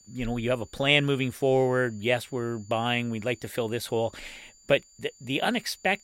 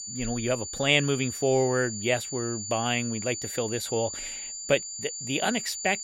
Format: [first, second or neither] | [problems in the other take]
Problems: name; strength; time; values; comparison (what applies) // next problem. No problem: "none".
first | high-pitched whine; loud; throughout; 7 kHz, 6 dB below the speech; faint in the first